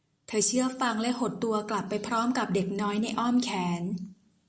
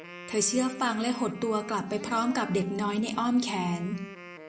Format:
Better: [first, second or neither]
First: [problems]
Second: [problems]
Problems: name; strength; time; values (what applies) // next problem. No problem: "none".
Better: first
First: none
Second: background sound (Wind instrument, woodwind instrument); 15 dB below the speech